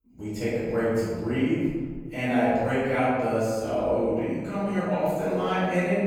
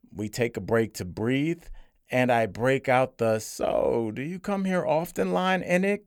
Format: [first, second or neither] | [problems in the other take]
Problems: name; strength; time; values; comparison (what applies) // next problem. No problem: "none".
second | off-mic speech; far // room echo; strong; dies away in 1.7 s